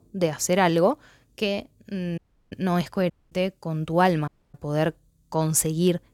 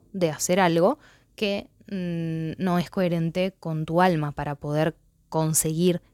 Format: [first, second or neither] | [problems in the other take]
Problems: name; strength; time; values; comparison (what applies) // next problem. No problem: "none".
second | audio cutting out; at 2 s, at 3 s and at 4.5 s